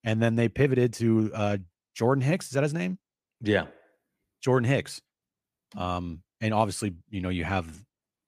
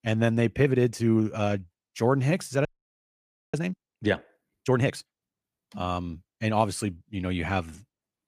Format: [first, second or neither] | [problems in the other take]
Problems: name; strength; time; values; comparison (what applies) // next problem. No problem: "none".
first | audio freezing; at 2.5 s for 1 s